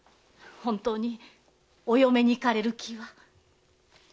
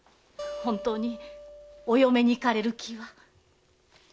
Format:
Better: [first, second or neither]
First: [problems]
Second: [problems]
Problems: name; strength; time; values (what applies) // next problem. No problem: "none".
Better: first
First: none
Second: background sound (Acoustic guitar); 15 dB below the speech